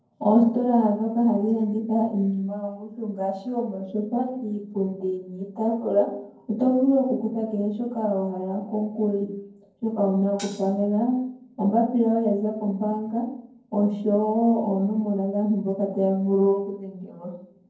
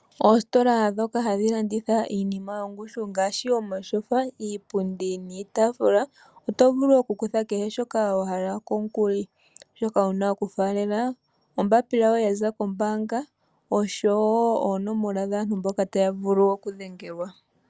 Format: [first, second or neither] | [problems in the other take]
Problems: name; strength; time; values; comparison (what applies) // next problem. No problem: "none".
second | noise reduction (neural separator model SepFormer DNS4)